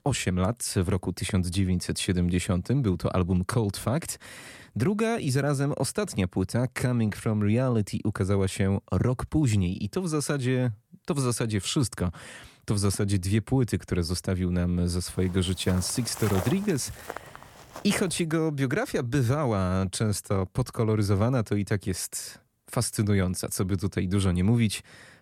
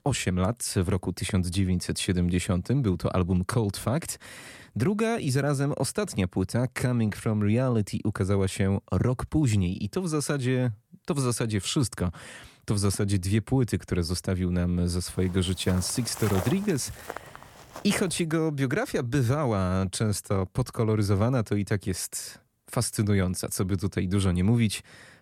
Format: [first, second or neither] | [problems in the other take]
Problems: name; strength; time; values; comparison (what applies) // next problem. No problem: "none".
neither | footsteps; noticeable; from 15 to 18 s; peak 7 dB below the speech; the same in both